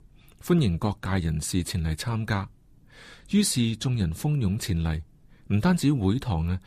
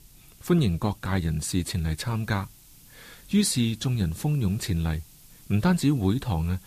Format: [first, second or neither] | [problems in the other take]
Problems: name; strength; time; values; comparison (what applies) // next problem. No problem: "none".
first | hiss; faint; throughout; 25 dB below the speech